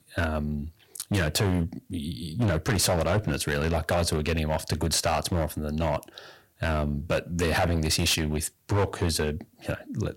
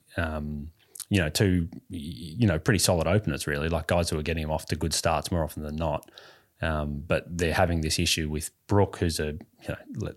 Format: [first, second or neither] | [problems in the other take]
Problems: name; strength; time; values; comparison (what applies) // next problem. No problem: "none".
second | distortion; heavy; 9% of the sound clipped